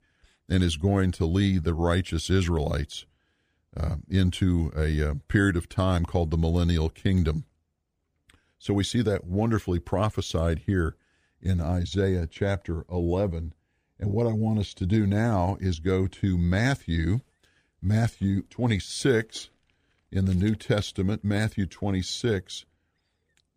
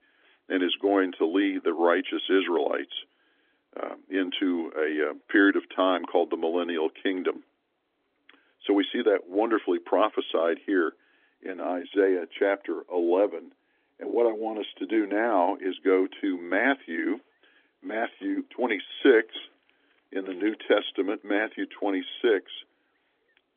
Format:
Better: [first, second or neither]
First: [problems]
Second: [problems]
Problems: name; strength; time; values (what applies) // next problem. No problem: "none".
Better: first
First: none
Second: phone-call audio; nothing above 3.5 kHz